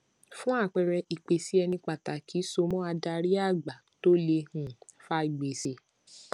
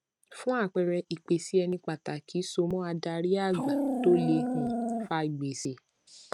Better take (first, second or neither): first